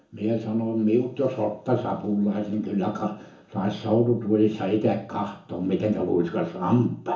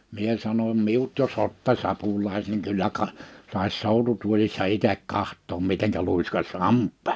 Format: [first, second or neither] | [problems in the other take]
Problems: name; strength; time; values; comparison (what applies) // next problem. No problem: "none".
second | room echo; dies away in 0.5 s